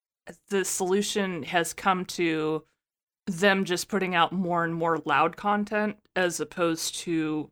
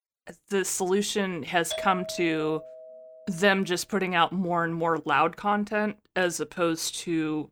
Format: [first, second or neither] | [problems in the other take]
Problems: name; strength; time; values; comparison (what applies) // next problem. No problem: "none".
first | doorbell; noticeable; from 1.5 to 3 s; peak 7 dB below the speech